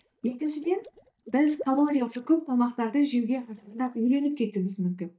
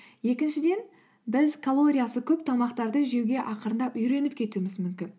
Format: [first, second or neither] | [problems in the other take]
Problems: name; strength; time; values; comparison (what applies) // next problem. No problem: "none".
second | noise reduction (neural mask model DeepFilterNet 3)